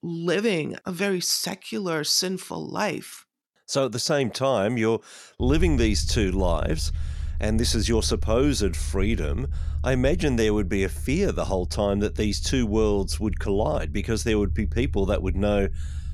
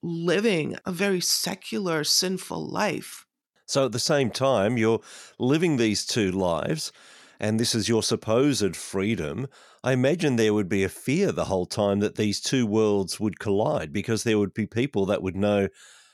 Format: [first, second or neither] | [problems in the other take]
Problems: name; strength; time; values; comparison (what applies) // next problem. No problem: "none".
second | low rumble; faint; from 5.5 s on; 25 dB below the speech